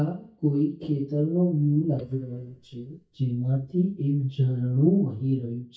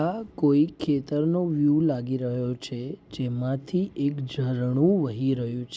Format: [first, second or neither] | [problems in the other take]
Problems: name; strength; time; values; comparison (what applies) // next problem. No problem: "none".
second | noise reduction (neural mask model DeepFilterNet 3)